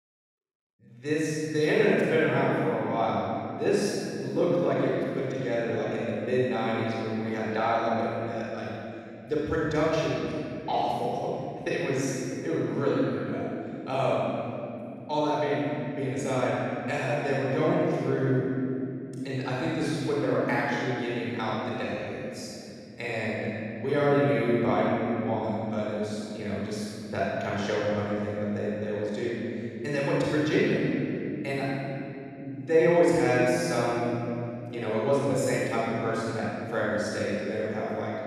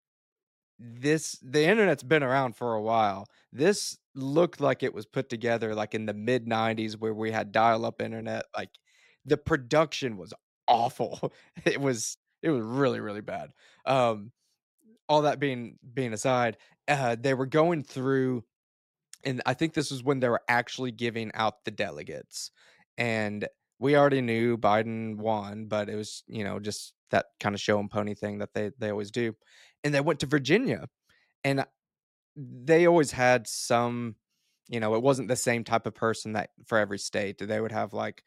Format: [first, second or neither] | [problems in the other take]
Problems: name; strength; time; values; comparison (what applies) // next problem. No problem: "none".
second | room echo; strong; dies away in 3 s // off-mic speech; far